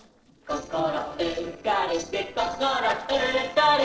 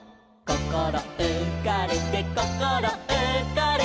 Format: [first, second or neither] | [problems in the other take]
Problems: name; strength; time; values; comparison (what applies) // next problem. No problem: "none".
second | noise reduction (neural separator model SepFormer DNS4)